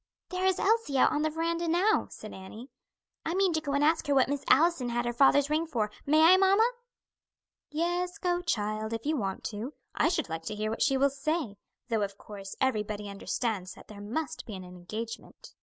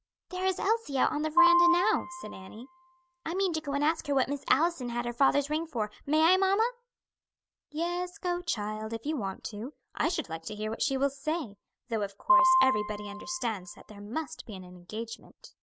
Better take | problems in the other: first | background sound (Piano); 3 dB above the speech

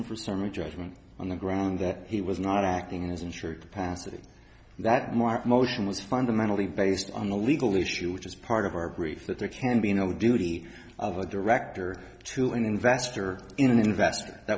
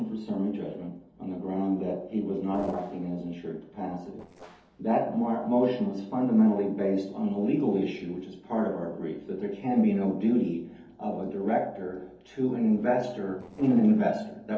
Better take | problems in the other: first | noise reduction (neural separator model SepFormer DNS4)

